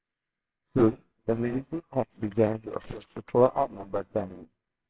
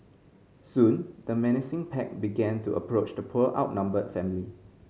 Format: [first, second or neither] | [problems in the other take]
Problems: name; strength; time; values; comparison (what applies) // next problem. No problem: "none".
second | noise reduction (neural separator model SepFormer WHAMR!)